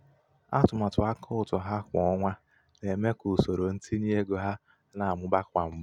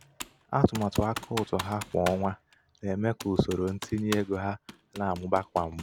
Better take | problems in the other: first | background sound (Computer keyboard); 13 dB below the speech

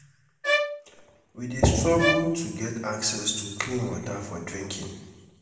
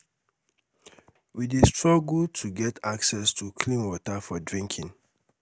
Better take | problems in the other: second | background sound (Bowed string instrument); 2 dB below the speech // room echo; dies away in 1.1 s

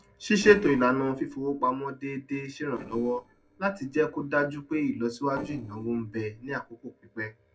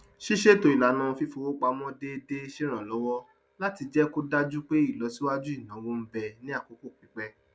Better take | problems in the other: second | noise reduction (neural separator model SepFormer DNS4)

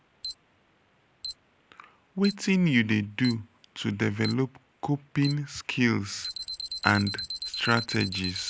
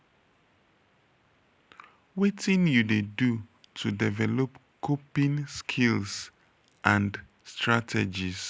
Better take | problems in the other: second | background sound (Alarm); 11 dB below the speech

